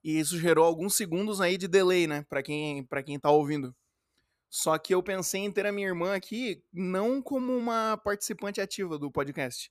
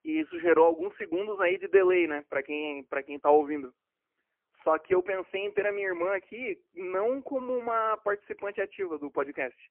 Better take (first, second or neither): first